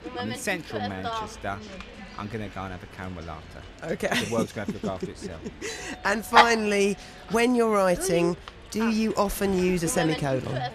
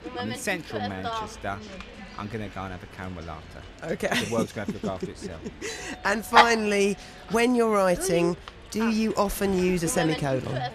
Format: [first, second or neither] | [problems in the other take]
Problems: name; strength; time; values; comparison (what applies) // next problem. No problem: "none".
neither | animal sounds; loud; throughout; 3 dB below the speech; the same in both